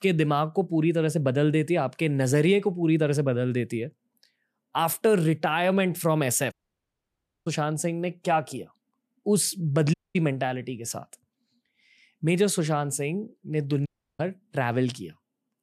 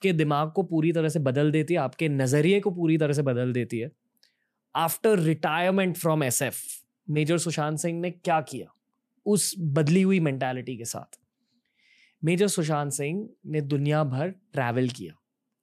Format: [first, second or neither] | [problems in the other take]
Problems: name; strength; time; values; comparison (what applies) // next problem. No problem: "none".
second | audio cutting out; at 6.5 s for 1 s, at 10 s and at 14 s